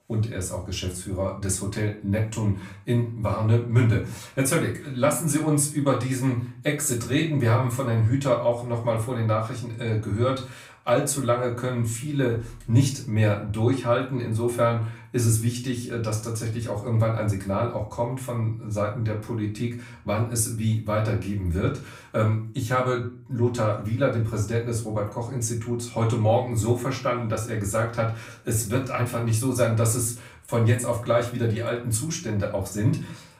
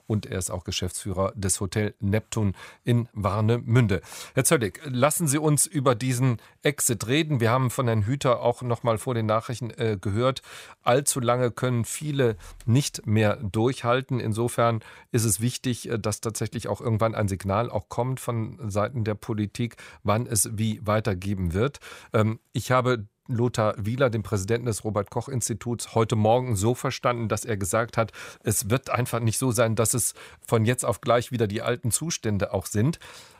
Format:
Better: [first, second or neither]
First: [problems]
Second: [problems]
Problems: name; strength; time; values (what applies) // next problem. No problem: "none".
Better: second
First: off-mic speech; far // room echo; slight; dies away in 0.3 s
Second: none